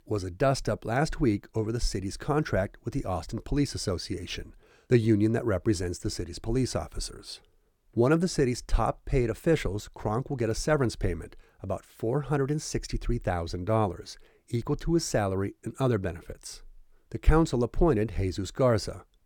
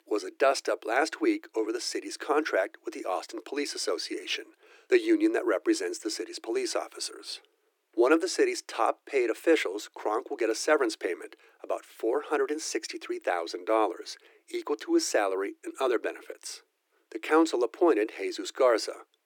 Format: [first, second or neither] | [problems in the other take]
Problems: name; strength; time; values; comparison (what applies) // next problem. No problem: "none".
first | thin; very; fading below 300 Hz